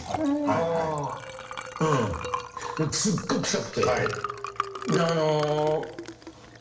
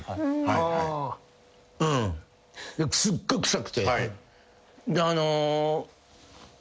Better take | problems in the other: second | background sound (Liquid); 8 dB below the speech // room echo; dies away in 0.7 s

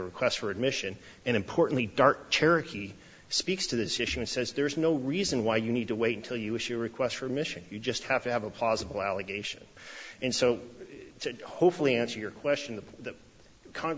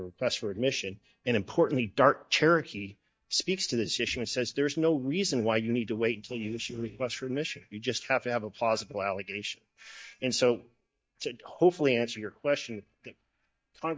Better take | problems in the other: first | noise reduction (neural mask model DeepFilterNet 3)

